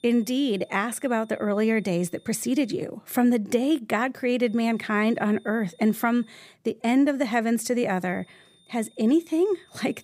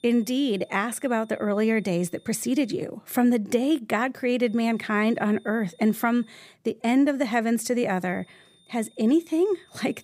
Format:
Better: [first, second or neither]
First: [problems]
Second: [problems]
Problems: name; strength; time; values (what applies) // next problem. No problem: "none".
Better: neither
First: high-pitched whine; faint; until 3 s, from 4.5 to 6.5 s and from 8 s on; 3.5 kHz, 35 dB below the speech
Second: high-pitched whine; faint; until 3 s, from 4.5 to 6.5 s and from 8 s on; 3.5 kHz, 35 dB below the speech